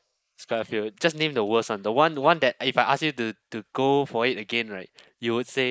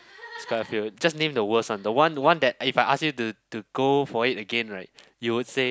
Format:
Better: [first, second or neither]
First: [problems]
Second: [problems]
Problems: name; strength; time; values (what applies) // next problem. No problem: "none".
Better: second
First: noise reduction (neural mask model Resemble Enhance denoiser)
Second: none